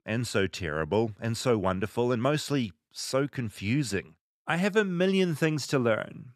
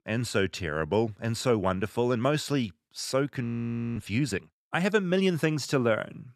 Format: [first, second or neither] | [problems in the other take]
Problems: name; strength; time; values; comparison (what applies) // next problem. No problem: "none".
first | audio freezing; at 3.5 s for 0.5 s